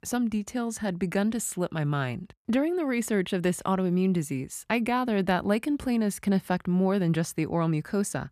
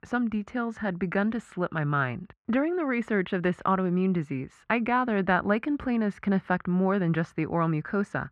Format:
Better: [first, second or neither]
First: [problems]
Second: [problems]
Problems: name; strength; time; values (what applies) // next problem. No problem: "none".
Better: first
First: none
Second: muffled; very; fading above 2 kHz